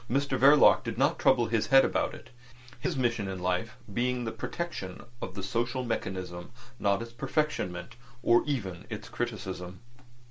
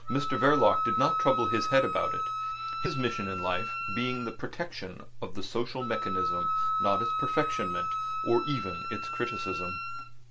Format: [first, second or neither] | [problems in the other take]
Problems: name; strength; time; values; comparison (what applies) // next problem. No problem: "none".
first | background sound (Wind instrument, woodwind instrument); 1 dB below the speech